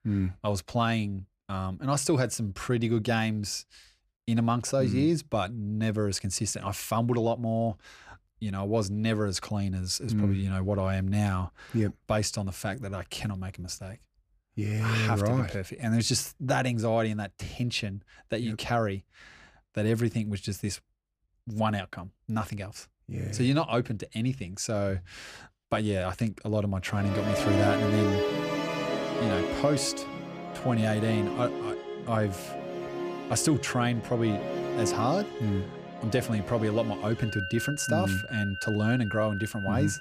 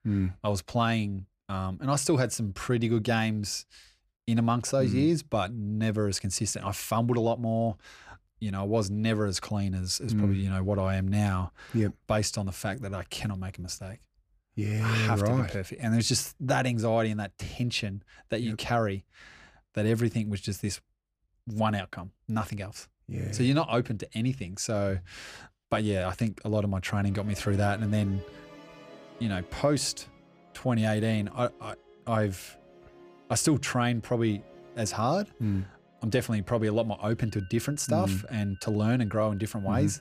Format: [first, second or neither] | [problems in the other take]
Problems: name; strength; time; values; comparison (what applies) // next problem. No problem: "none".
second | background music; loud; from 27 s on; 4 dB below the speech; faint in the second